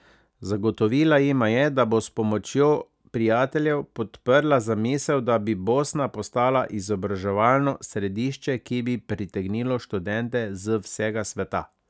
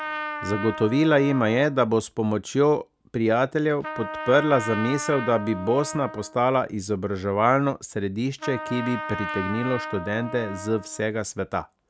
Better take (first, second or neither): first